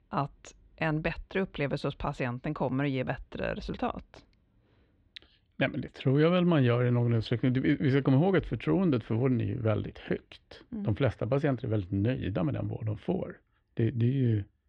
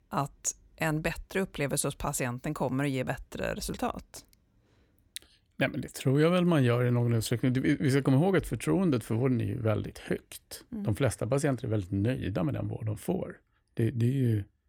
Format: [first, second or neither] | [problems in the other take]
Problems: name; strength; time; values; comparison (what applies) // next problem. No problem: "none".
second | muffled; slightly; fading above 3.5 kHz